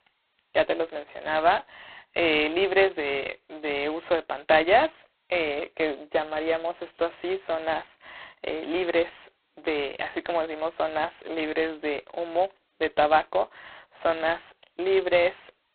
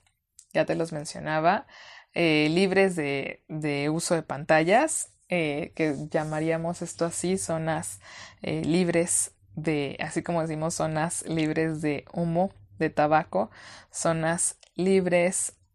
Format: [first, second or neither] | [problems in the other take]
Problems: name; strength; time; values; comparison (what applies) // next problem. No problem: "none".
second | phone-call audio; poor line; nothing above 4 kHz